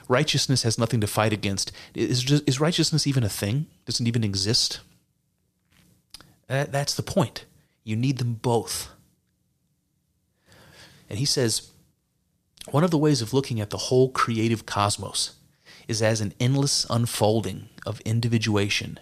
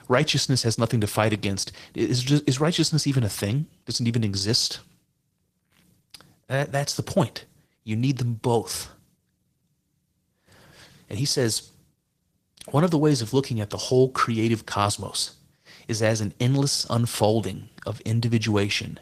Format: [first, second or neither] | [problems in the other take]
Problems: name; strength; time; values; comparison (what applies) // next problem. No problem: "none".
first | garbled, watery; slightly; nothing above 14.5 kHz